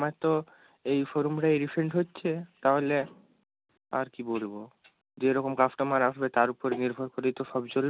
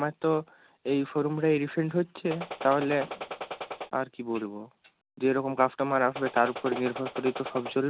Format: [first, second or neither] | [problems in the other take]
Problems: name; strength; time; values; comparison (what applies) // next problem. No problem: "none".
first | background sound (Gunshot, gunfire); 9 dB below the speech